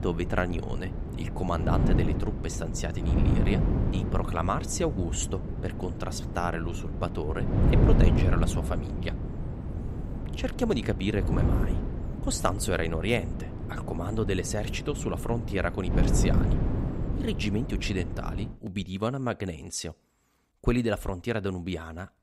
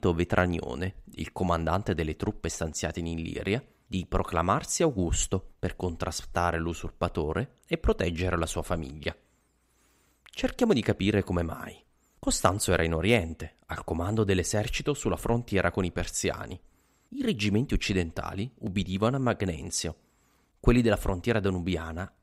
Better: second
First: wind noise on the microphone; heavy; until 19 s; 5 dB below the speech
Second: none

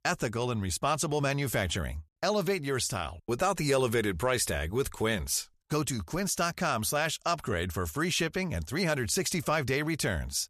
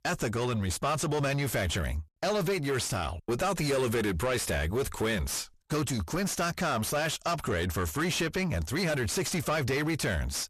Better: first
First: none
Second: distortion; heavy; 7 dB below the speech

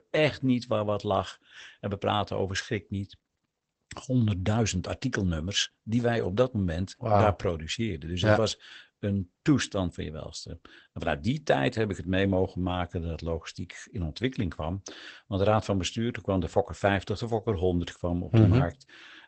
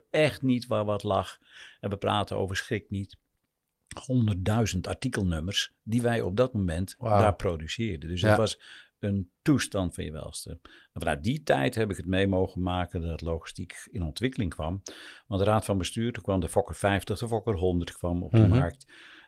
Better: second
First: garbled, watery; badly; nothing above 8 kHz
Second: garbled, watery; slightly; nothing above 16 kHz

